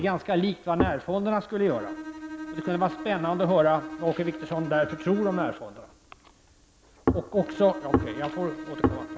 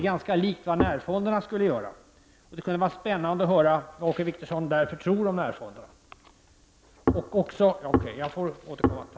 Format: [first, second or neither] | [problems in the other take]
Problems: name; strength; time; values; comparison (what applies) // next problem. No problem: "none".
second | background sound (Bowed string instrument); 12 dB below the speech